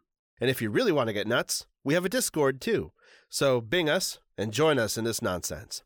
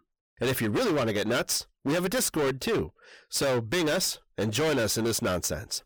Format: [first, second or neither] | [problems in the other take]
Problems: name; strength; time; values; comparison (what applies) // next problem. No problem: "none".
first | distortion; heavy; 23% of the sound clipped